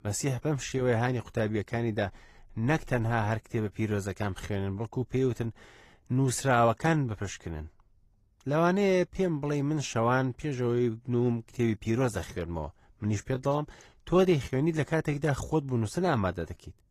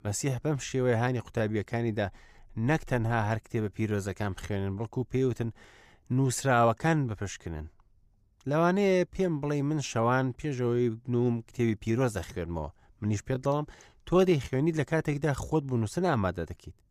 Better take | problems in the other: second | garbled, watery; slightly; nothing above 13.5 kHz

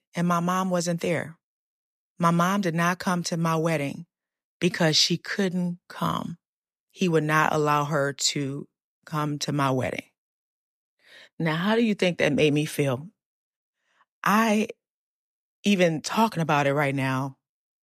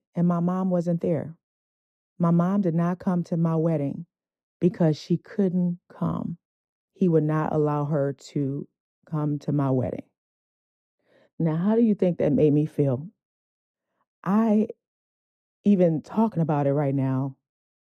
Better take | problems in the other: first | muffled; very; fading above 1 kHz

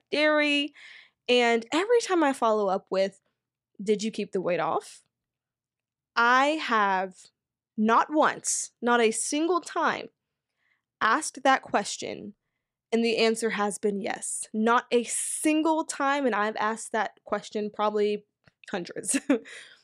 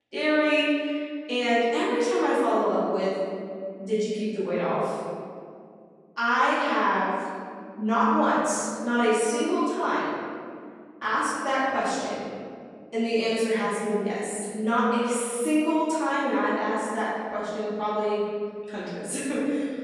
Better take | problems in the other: first | off-mic speech; far // room echo; strong; dies away in 2.2 s

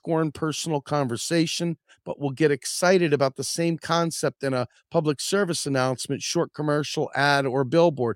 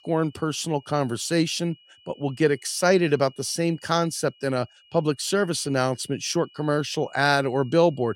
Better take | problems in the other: first | high-pitched whine; faint; throughout; 3 kHz, 25 dB below the speech

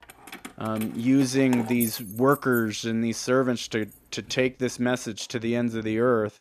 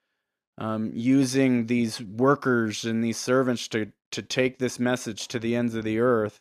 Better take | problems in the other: second | jangling keys; noticeable; until 4.5 s; peak 6 dB below the speech

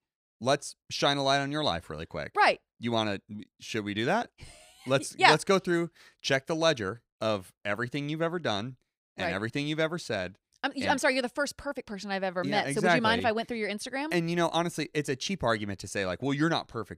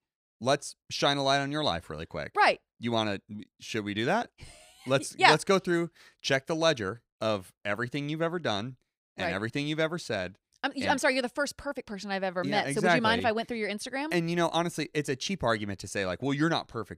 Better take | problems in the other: neither | none

